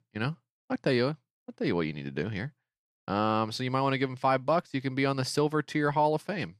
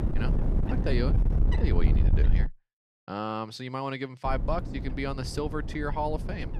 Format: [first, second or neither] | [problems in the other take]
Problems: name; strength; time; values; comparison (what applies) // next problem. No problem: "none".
first | wind noise on the microphone; heavy; until 2.5 s and from 4.5 s on; 7 dB below the speech